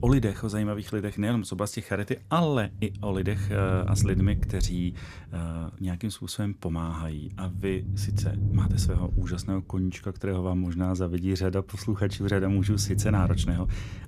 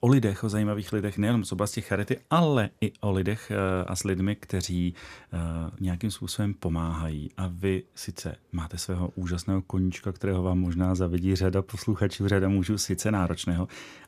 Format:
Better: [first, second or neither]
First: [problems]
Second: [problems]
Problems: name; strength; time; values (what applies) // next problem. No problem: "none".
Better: second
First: low rumble; loud; throughout; 9 dB below the speech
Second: none